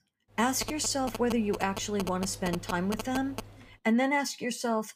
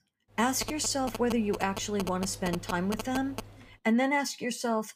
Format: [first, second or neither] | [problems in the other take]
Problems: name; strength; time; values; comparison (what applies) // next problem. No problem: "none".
neither | phone ringing; noticeable; until 3.5 s; peak 8 dB below the speech; the same in both